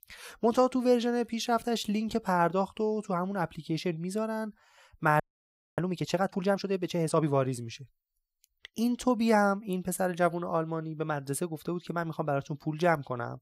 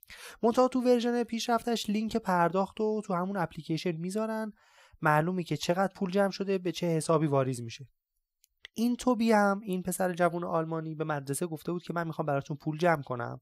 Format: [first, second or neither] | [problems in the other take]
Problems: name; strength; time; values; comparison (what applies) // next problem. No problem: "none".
second | audio freezing; at 5 s for 0.5 s